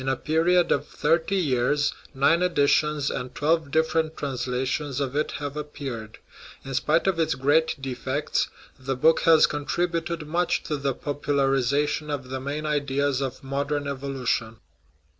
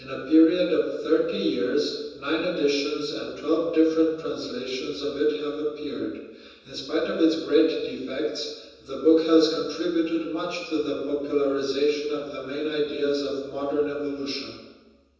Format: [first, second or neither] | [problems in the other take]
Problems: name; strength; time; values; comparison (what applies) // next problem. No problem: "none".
first | room echo; dies away in 1.1 s